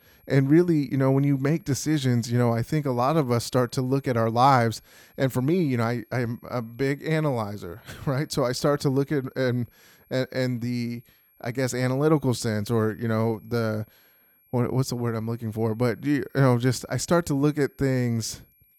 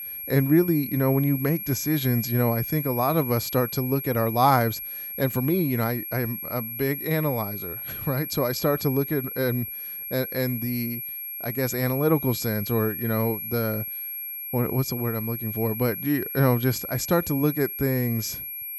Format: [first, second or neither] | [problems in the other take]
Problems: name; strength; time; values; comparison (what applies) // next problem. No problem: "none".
first | high-pitched whine; loud; throughout; 11.5 kHz, 6 dB below the speech; faint in the first